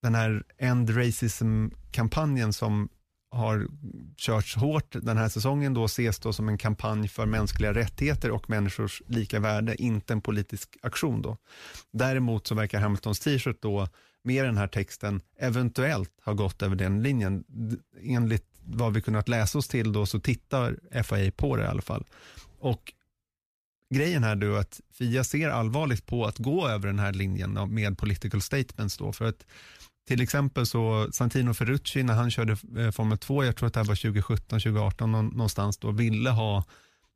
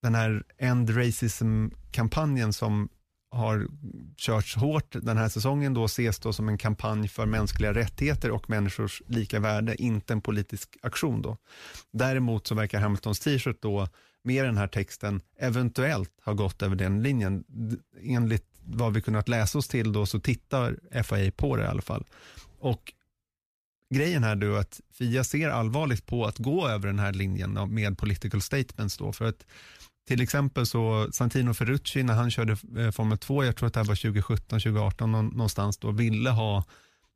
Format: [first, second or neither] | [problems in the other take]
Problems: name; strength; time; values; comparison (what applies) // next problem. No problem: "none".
neither | none